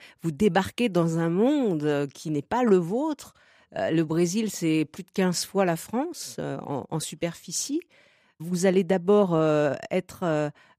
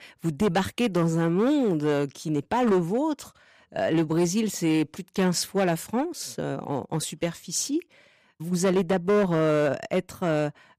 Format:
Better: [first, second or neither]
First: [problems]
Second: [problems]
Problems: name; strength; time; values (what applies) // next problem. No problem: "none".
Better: first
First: none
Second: distortion; slight; 7% of the sound clipped